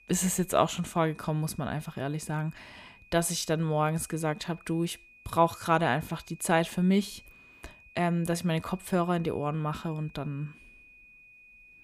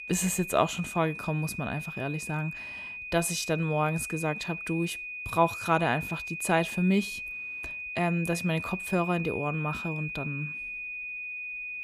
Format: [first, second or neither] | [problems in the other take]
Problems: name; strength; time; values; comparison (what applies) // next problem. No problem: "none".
first | high-pitched whine; loud; throughout; 2.5 kHz, 6 dB below the speech; faint in the first